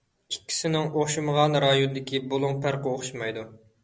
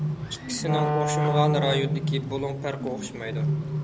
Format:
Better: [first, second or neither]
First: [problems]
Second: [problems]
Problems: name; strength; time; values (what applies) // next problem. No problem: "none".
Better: first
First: none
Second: background sound (Wind instrument, woodwind instrument + Bird); 3 dB above the speech